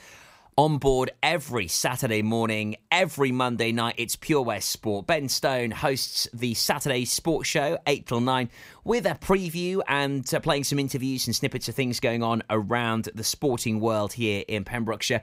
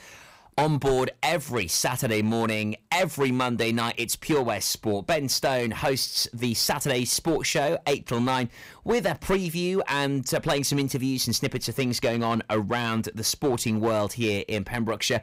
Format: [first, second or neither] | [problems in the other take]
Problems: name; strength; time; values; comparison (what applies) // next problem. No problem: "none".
first | distortion; slight; 5% of the sound clipped